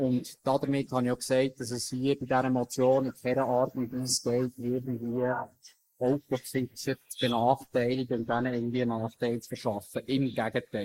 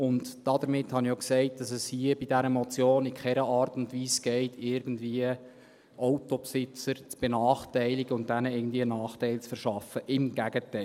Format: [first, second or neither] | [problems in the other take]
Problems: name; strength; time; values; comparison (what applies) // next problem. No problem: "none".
second | noise reduction (neural mask model Resemble Enhance denoiser)